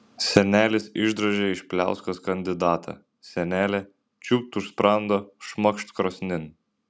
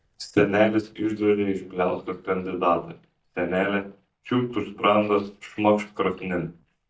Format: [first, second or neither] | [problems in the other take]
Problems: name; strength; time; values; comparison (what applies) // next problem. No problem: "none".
first | noise reduction (neural mask model DeepFilterNet 3)